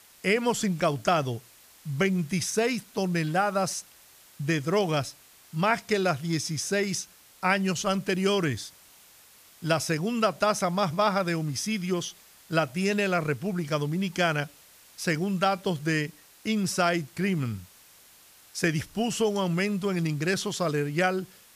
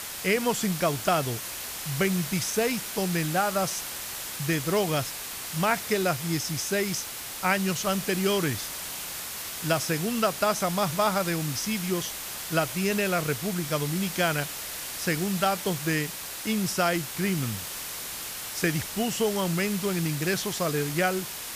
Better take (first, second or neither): first